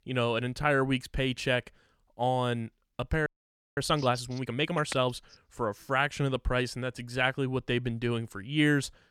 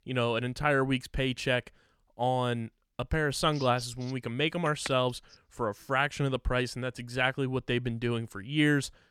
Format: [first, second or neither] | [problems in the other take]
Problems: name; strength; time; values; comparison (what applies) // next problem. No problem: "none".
second | audio freezing; at 3.5 s for 0.5 s